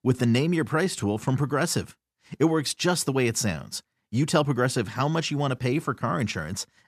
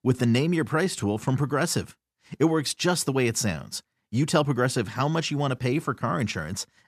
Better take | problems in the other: neither | none

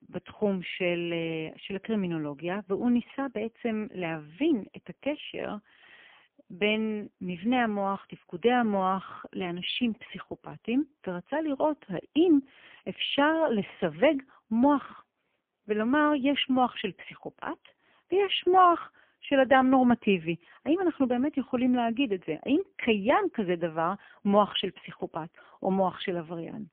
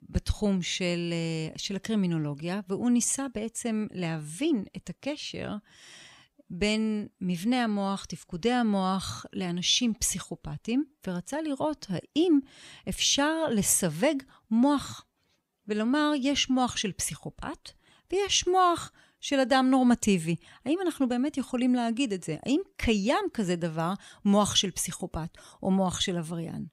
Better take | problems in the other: second | phone-call audio; poor line; nothing above 3.5 kHz

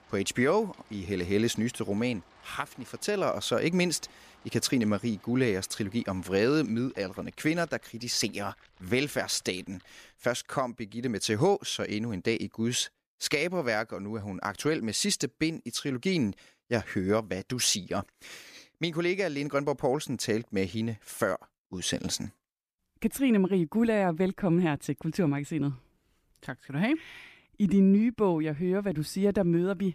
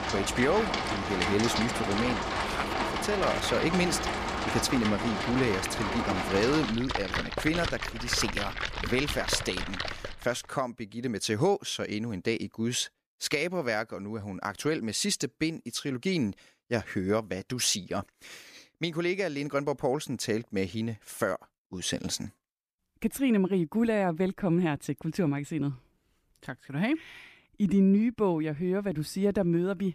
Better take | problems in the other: first | rain or running water; loud; until 10 s; 2 dB below the speech; faint in the first

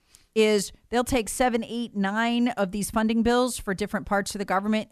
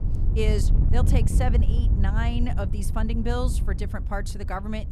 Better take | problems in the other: first | wind noise on the microphone; heavy; 8 dB below the speech

